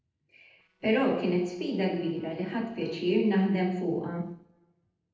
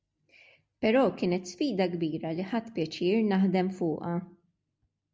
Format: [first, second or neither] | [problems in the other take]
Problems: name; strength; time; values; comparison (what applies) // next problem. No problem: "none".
second | noise reduction (neural separator model SepFormer DNS4)